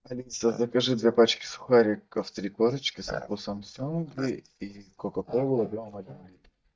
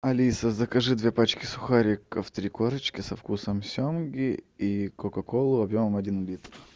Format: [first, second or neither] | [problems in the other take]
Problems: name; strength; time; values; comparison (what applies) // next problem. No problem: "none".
second | noise reduction (neural mask model DeepFilterNet 3)